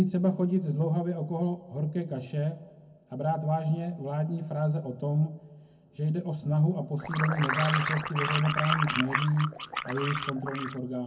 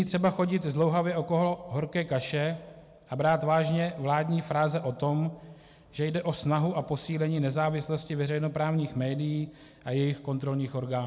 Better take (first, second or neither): second